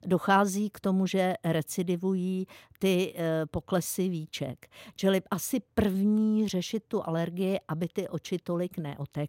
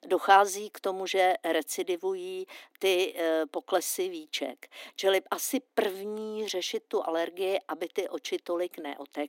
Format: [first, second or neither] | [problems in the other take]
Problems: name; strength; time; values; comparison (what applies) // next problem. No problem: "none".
first | thin; very; fading below 250 Hz